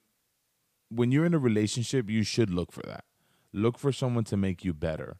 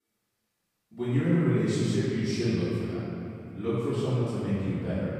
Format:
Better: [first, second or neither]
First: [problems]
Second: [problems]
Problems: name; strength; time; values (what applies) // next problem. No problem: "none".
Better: first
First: none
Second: off-mic speech; far // room echo; strong; dies away in 2.7 s